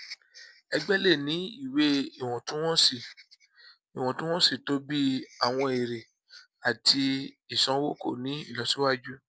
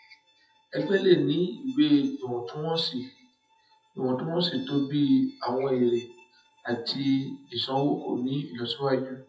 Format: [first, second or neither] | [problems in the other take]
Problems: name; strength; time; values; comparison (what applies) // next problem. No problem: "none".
first | noise reduction (classical method WPE with log-MMSE)